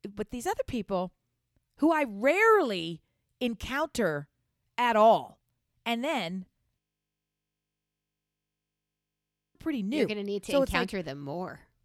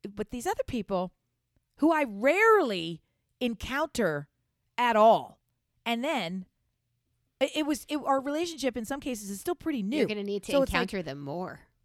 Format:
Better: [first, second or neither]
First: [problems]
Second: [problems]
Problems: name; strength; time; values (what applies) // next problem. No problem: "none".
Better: second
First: audio freezing; at 7 s for 3 s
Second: none